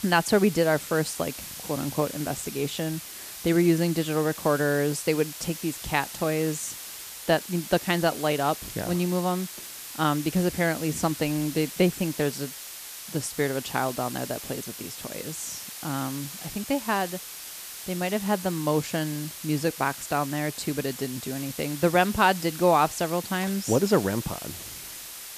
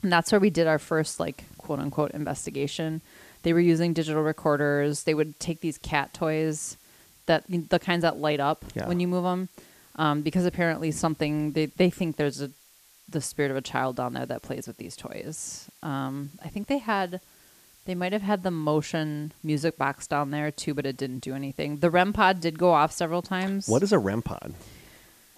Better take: second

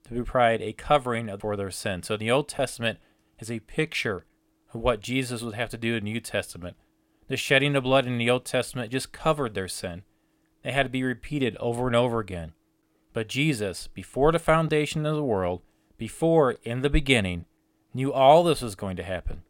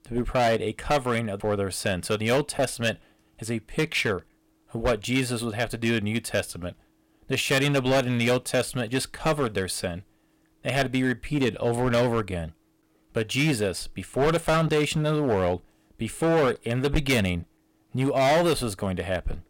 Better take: first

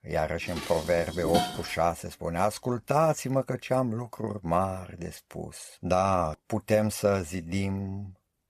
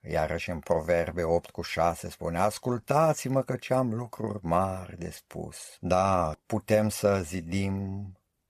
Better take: second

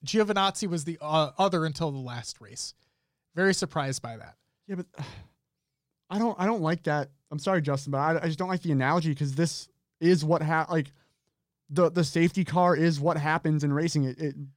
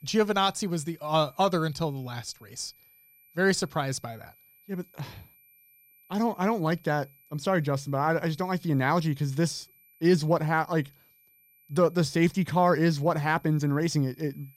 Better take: first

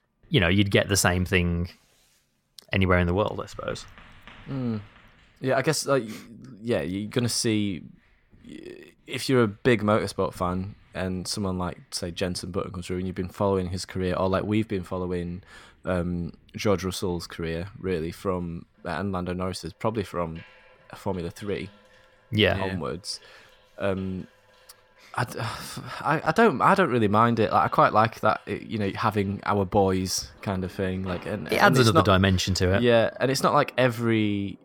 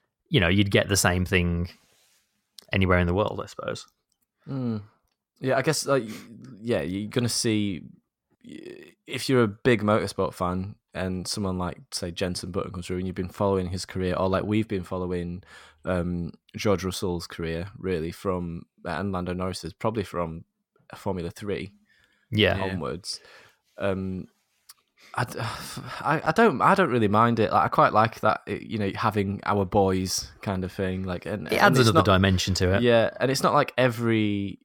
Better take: second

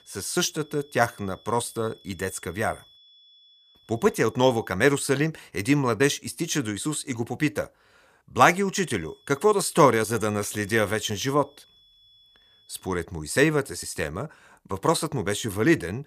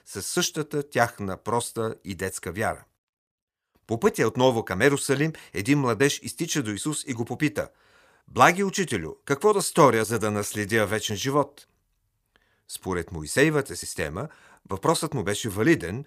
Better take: second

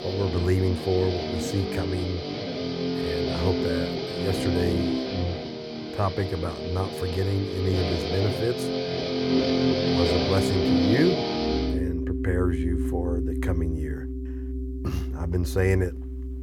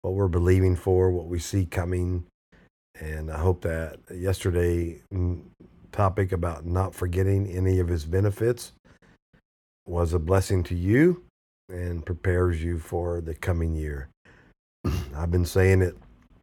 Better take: second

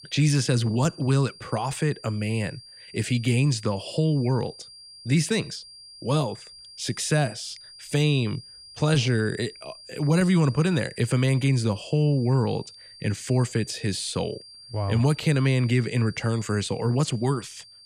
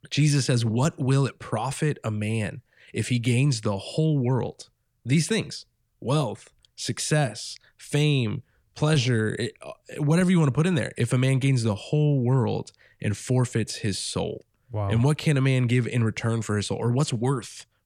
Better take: second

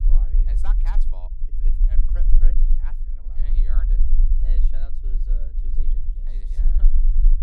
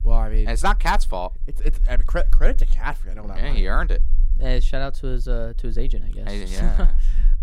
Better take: second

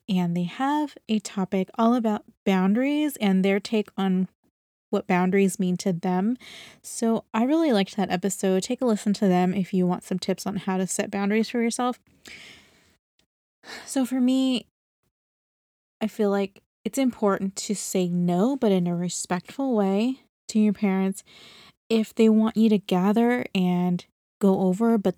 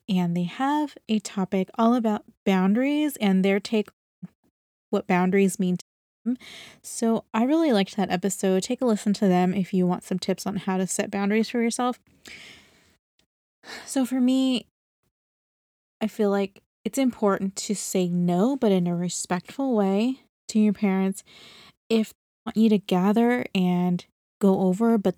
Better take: first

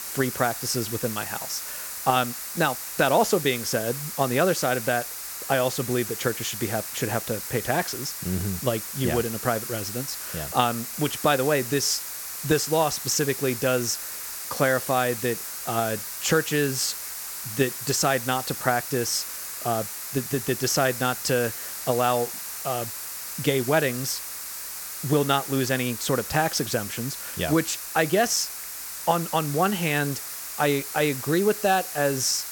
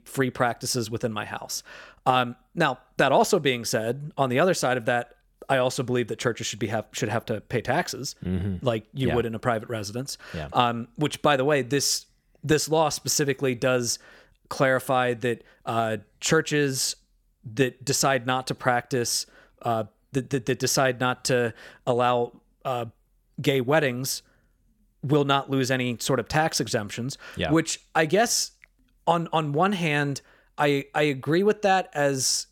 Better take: second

